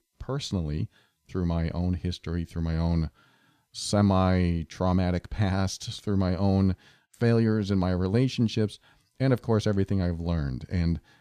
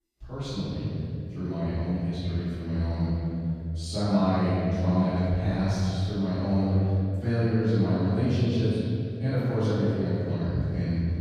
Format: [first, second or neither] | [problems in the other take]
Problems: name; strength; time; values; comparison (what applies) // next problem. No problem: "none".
first | off-mic speech; far // room echo; strong; dies away in 3 s